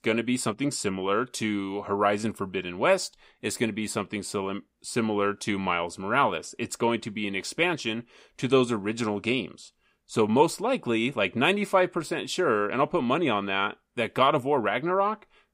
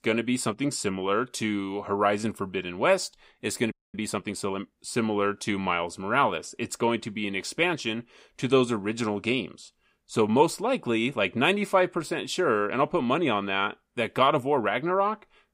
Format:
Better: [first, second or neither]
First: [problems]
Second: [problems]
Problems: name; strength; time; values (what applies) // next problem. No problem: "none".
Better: first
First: none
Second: audio freezing; at 3.5 s